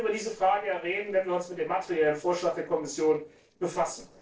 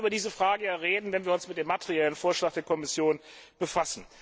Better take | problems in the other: second | noise reduction (neural separator model SepFormer DNS4)

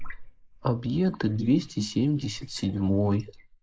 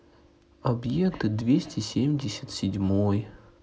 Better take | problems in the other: second | noise reduction (neural mask model Resemble Enhance denoiser)

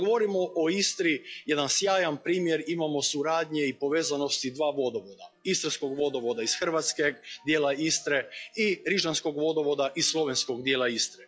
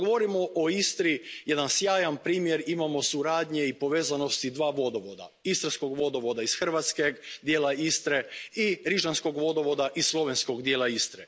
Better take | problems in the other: second | noise reduction (classical method log-MMSE)

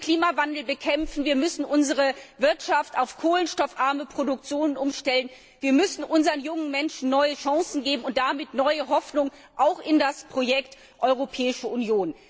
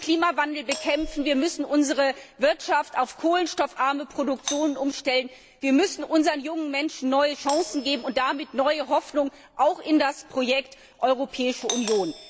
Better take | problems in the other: first | background sound (Doorbell); 18 dB below the speech

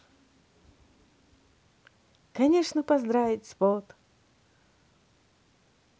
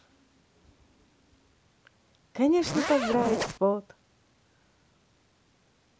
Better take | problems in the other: first | background sound (Zipper (clothing)); 1 dB above the speech

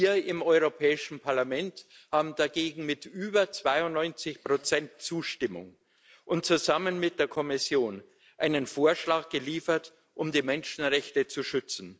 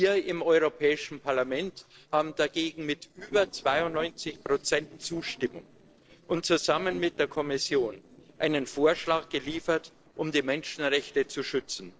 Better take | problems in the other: first | noise reduction (neural separator model SepFormer DNS4)

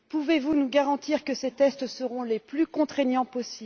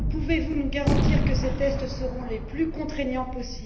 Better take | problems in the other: first | background sound (Gunshot, gunfire); 3 dB above the speech // room echo; dies away in 1.4 s

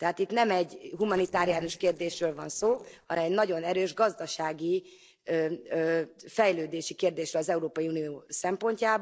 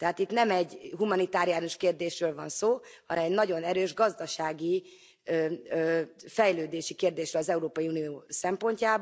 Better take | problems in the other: second | noise reduction (neural separator model SepFormer DNS4)

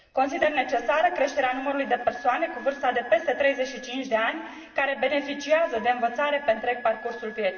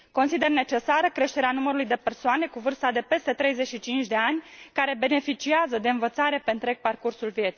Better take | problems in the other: second | background sound (Wind instrument, woodwind instrument); 18 dB below the speech // room echo; dies away in 1.8 s

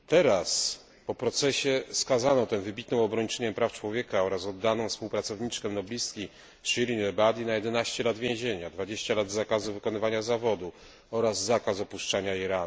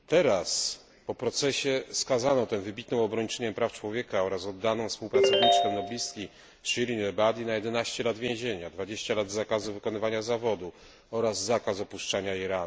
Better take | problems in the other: first | background sound (Ringtone); 4 dB above the speech

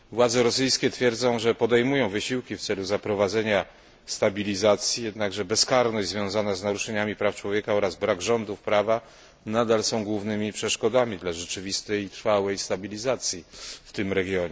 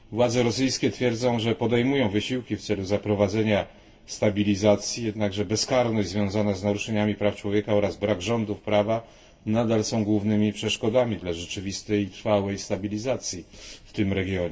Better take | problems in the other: first | room echo; dies away in 0.2 s

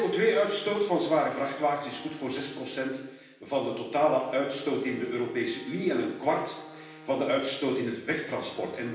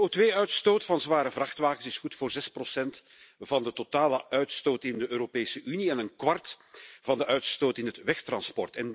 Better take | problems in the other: second | background sound (Wind instrument, woodwind instrument); 20 dB below the speech // room echo; dies away in 0.9 s

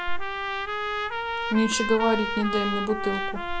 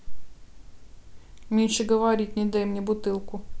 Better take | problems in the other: second | background sound (Trumpet); 3 dB below the speech

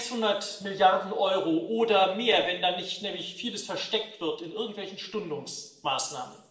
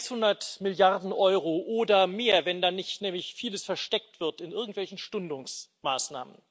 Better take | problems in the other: second | room echo; dies away in 0.8 s

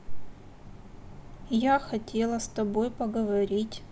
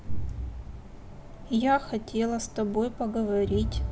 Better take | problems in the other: first | background sound (Crowd); 8 dB below the speech

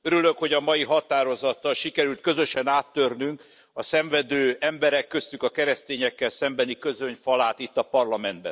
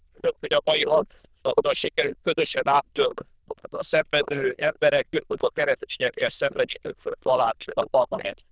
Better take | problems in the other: first | noise reduction (neural diffusion model UNIVERSE++)

